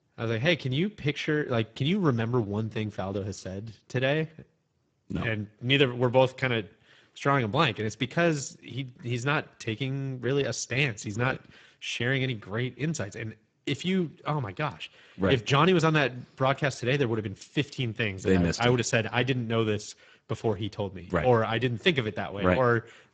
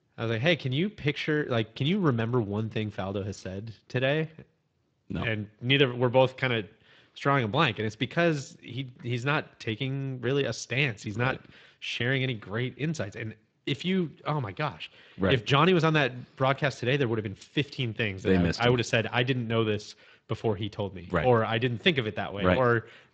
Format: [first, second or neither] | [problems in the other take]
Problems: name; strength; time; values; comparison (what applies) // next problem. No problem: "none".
second | garbled, watery; badly; nothing above 7.5 kHz; slightly in the second